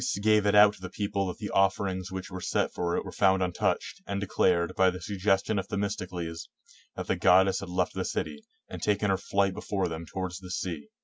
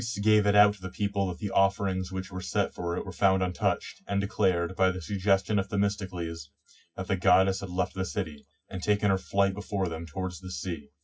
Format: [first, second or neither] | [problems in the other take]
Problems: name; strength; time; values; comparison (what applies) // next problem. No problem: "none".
first | room echo; dies away in 0.4 s